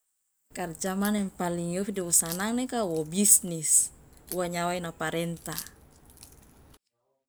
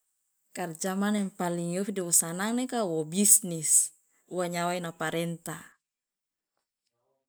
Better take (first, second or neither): second